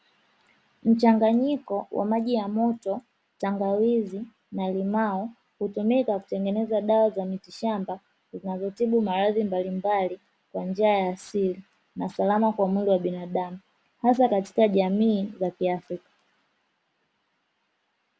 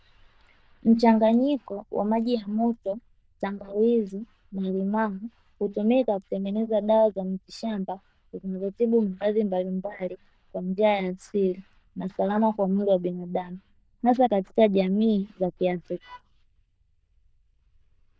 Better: first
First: none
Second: noise reduction (neural diffusion model UNIVERSE++)

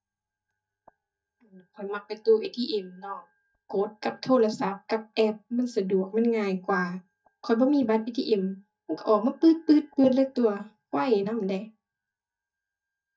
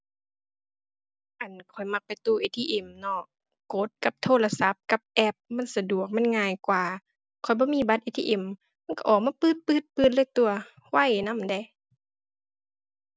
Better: second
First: noise reduction (neural mask model DeepFilterNet 3)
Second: none

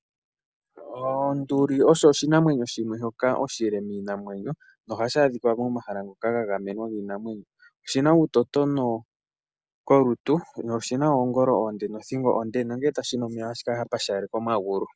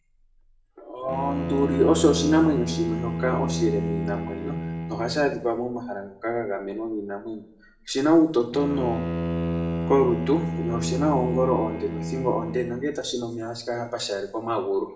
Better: first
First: none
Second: background sound (Bowed string instrument); 5 dB below the speech // room echo; dies away in 0.5 s

